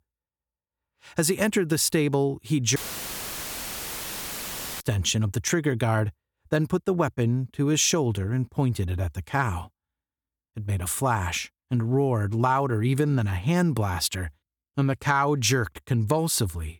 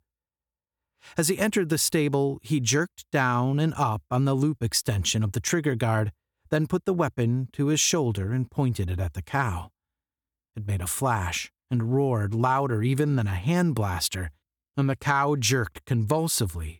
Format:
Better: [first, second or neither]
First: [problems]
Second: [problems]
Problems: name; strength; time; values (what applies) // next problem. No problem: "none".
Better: second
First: audio cutting out; filled with static; at 3 s for 2 s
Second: none